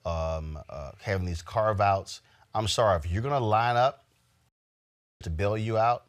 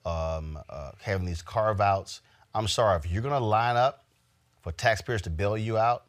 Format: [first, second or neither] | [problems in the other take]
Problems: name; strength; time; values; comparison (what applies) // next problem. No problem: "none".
second | audio cutting out; at 4.5 s for 0.5 s